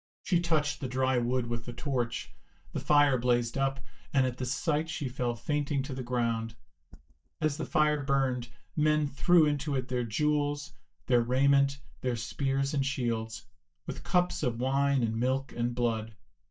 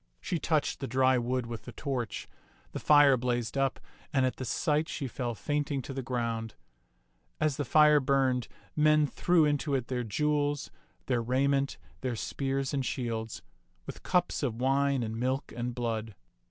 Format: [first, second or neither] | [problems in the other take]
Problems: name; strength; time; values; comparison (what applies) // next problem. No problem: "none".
second | noise reduction (neural mask model DeepFilterNet 3)